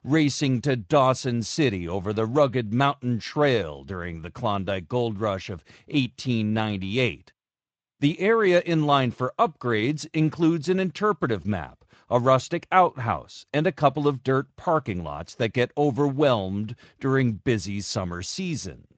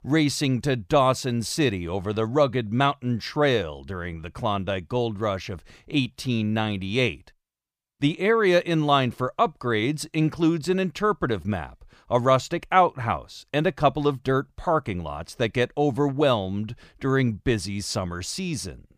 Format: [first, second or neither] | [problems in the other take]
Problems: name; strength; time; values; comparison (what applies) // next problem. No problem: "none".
second | garbled, watery; slightly; nothing above 7.5 kHz